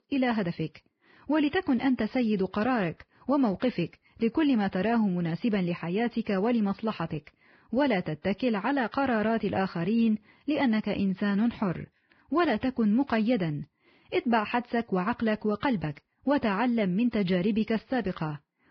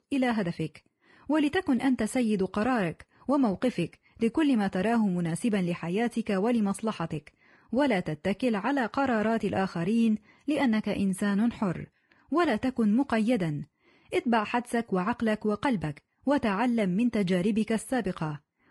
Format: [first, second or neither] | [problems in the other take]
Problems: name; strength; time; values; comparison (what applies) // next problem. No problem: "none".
second | garbled, watery; badly; nothing above 5 kHz; slightly in the second